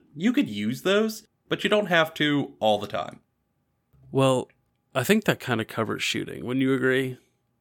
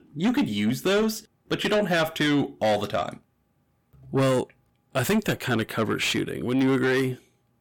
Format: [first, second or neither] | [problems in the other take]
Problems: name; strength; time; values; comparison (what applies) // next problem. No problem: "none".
first | distortion; heavy; 7 dB below the speech